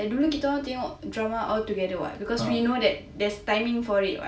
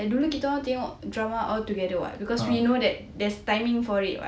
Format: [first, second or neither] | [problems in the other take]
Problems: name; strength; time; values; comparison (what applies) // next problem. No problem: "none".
second | room echo; dies away in 0.2 s